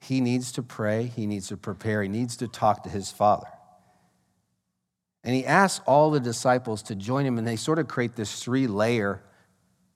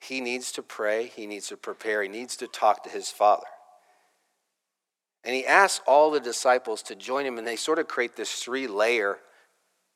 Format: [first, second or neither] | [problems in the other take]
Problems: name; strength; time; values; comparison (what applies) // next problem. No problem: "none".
first | thin; very; fading below 400 Hz